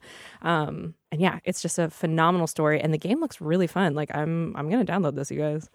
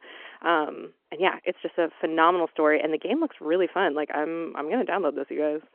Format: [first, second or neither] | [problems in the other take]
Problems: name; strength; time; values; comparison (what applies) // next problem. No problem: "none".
first | phone-call audio